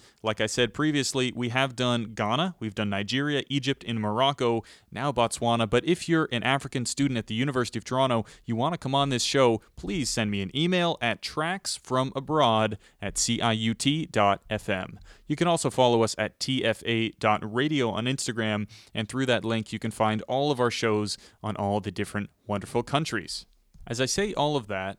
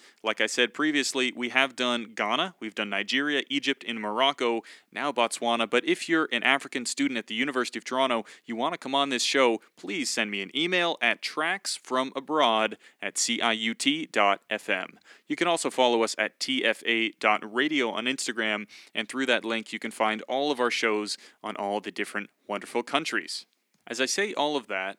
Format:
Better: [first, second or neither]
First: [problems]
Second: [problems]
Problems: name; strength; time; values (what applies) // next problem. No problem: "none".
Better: first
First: none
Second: thin; very slightly; fading below 250 Hz